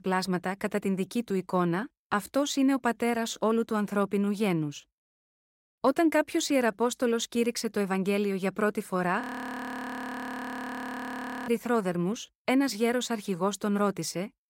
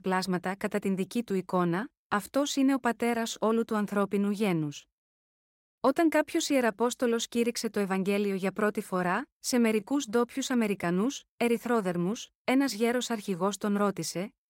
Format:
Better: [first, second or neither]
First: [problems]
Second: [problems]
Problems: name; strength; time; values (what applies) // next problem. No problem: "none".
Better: second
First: audio freezing; at 9 s for 2.5 s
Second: none